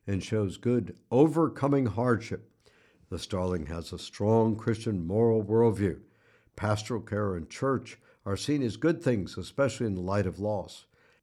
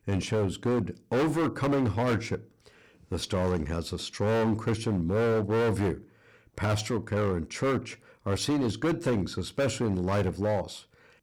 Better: first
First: none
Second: distortion; heavy; 17% of the sound clipped

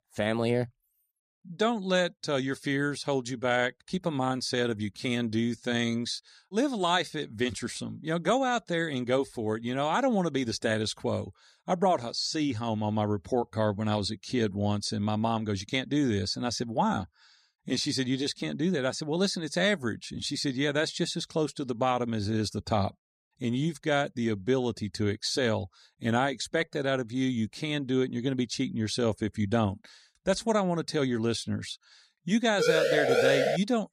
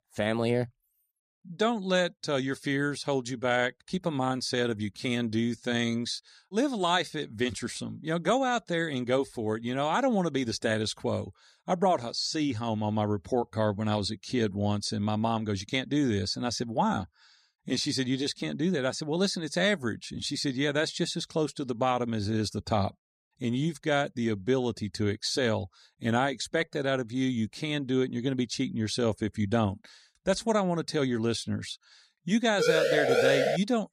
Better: neither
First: siren; loud; at 33 s; peak 5 dB above the speech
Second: siren; loud; at 33 s; peak 5 dB above the speech

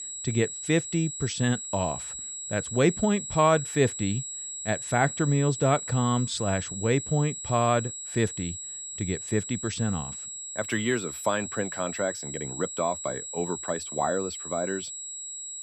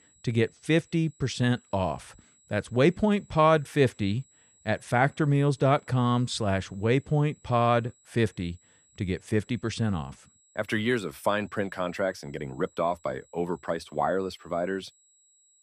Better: second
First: high-pitched whine; loud; throughout; 7.5 kHz, 7 dB below the speech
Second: high-pitched whine; faint; throughout; 7.5 kHz, 30 dB below the speech

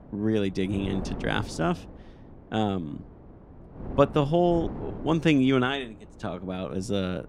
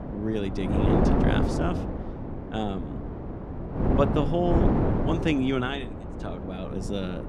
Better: first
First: wind noise on the microphone; occasional gusts; 15 dB below the speech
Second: wind noise on the microphone; heavy; 1 dB below the speech

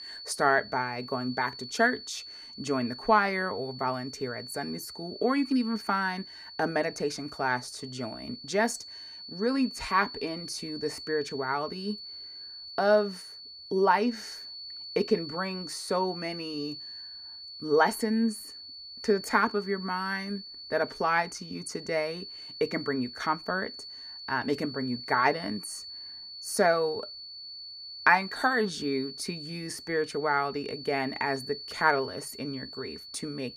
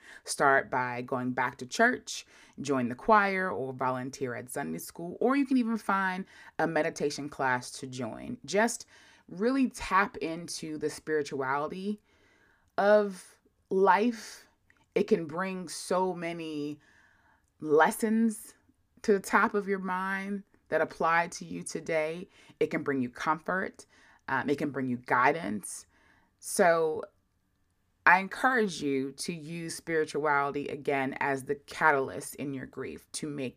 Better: second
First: high-pitched whine; noticeable; throughout; 4.5 kHz, 10 dB below the speech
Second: none

